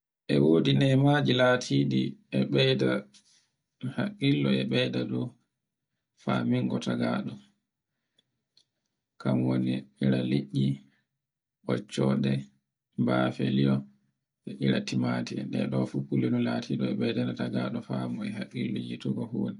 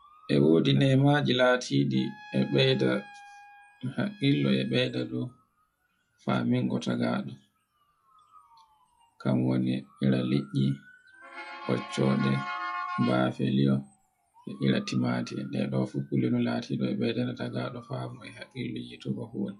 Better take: first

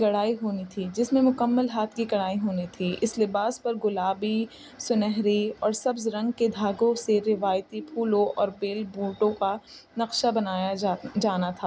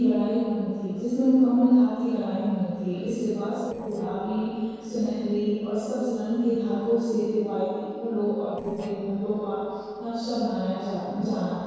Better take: first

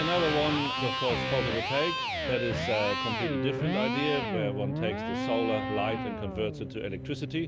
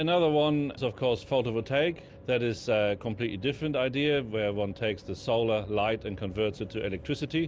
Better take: second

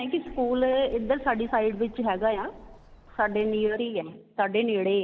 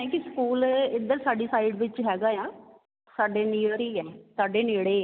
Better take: second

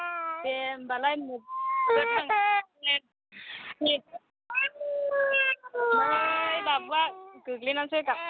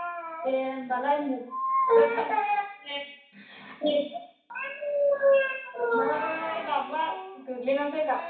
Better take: first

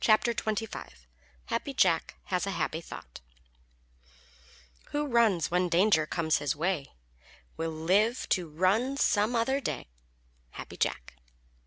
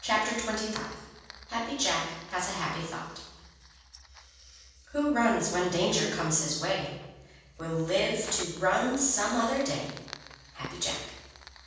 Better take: first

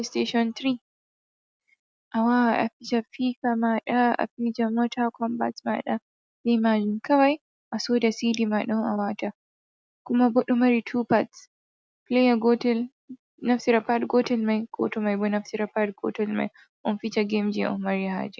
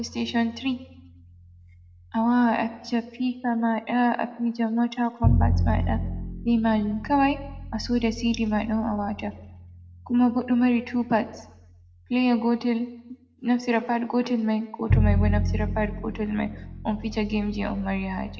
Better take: first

